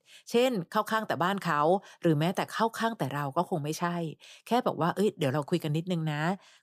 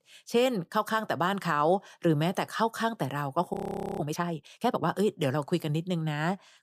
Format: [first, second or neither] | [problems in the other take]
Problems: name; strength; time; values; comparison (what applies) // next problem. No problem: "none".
first | audio freezing; at 3.5 s